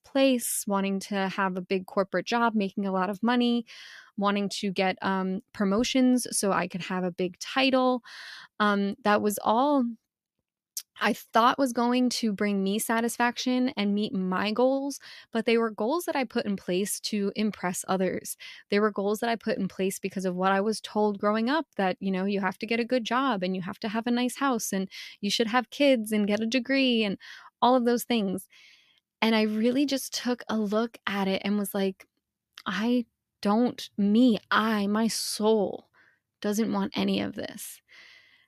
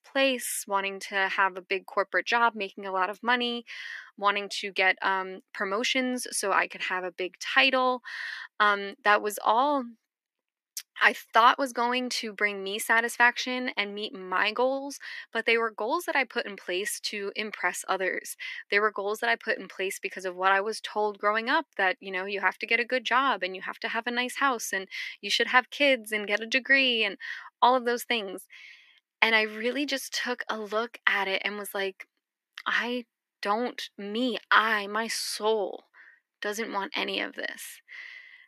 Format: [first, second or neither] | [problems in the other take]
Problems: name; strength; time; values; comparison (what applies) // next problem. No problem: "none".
first | thin; somewhat; fading below 300 Hz